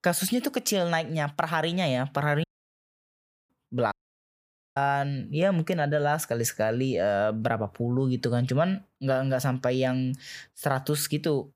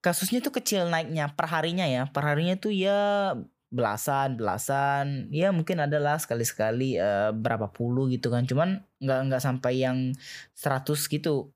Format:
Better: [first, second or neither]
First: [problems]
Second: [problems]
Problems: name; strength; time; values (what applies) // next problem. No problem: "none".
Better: second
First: audio cutting out; at 2.5 s for 1 s and at 4 s for 1 s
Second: none